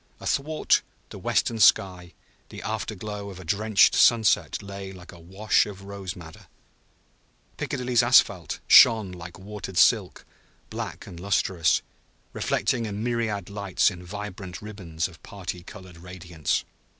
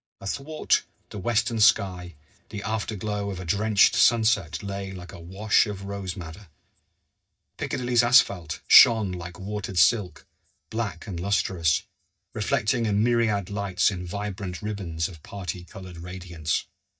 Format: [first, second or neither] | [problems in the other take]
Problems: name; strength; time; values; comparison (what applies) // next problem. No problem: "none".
first | noise reduction (neural mask model DeepFilterNet 3)